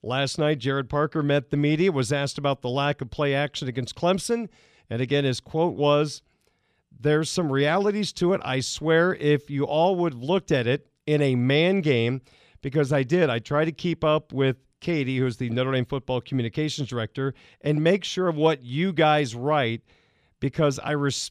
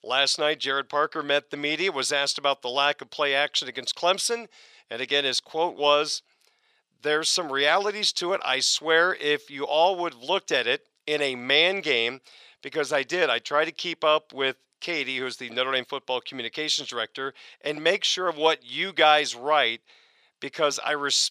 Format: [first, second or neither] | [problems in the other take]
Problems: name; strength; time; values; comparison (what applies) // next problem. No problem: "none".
first | thin; very; fading below 650 Hz